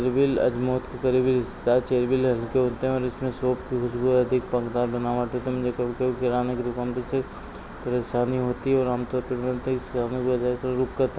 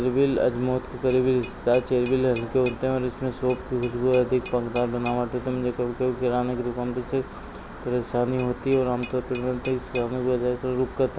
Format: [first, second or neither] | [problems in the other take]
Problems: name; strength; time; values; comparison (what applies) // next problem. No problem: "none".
first | background sound (Tap / Glass); 19 dB below the speech